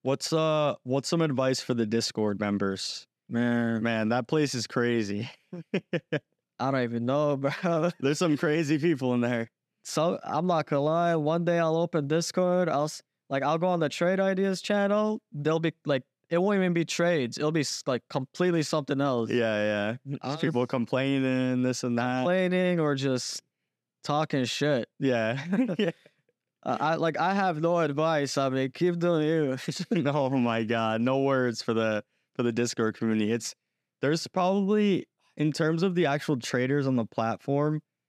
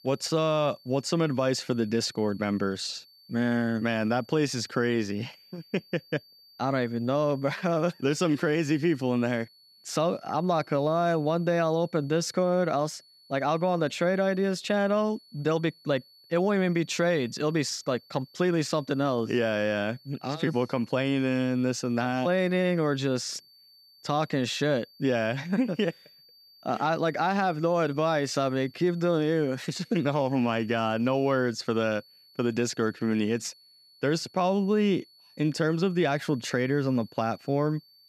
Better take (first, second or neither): first